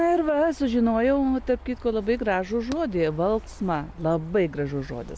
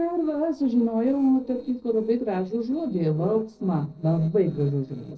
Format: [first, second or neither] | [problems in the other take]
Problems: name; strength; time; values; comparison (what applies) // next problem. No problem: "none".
first | noise reduction (neural separator model SepFormer DNS4)